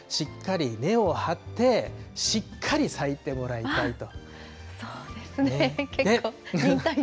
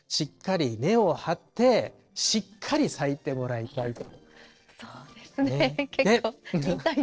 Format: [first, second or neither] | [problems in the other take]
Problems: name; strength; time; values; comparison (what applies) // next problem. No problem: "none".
first | noise reduction (neural separator model SepFormer DNS4)